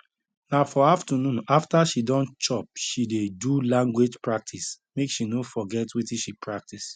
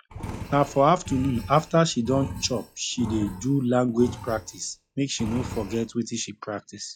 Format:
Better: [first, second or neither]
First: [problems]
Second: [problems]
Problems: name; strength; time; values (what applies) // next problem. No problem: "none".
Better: first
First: none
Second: noise reduction (classical method log-MMSE)